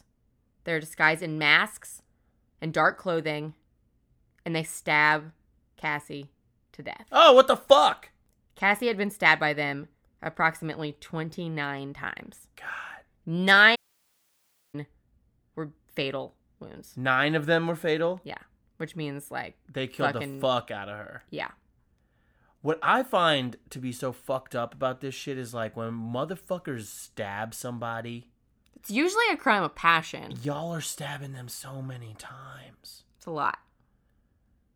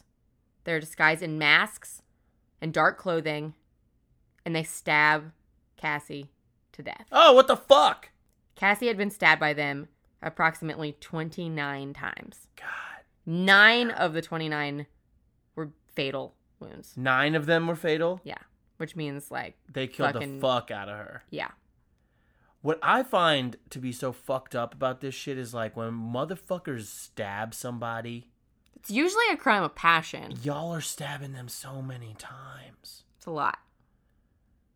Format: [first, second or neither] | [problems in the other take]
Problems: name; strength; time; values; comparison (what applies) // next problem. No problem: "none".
second | audio cutting out; at 14 s for 1 s